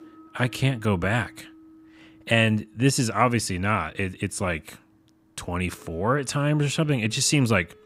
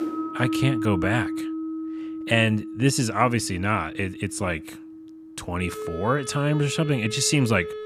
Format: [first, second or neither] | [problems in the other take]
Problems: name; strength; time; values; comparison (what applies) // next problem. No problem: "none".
first | background music; loud; throughout; 8 dB below the speech; faint in the first